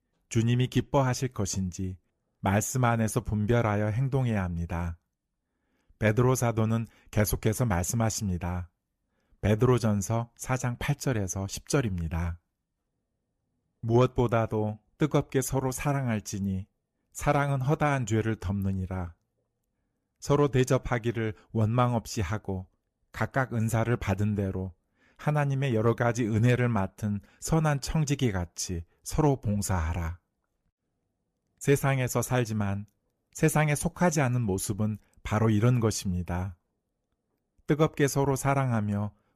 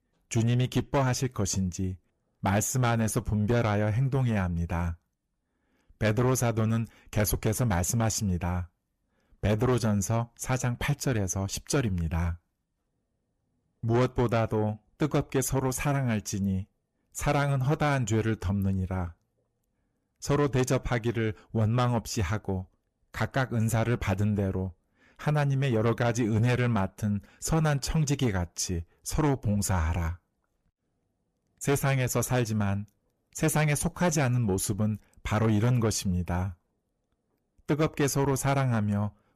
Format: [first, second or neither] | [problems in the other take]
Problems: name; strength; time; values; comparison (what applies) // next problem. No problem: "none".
first | distortion; slight; 10 dB below the speech